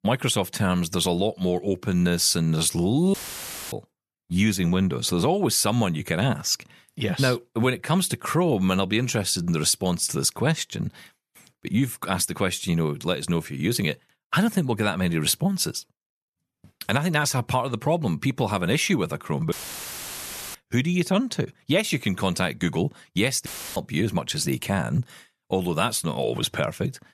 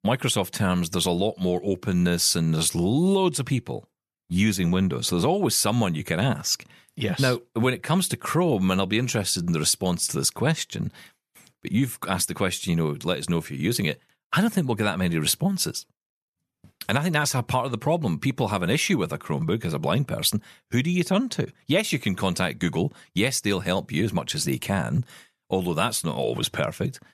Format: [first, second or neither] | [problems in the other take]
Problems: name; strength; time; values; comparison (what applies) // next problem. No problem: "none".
second | audio cutting out; filled with static; at 3 s for 0.5 s, at 20 s for 1 s and at 23 s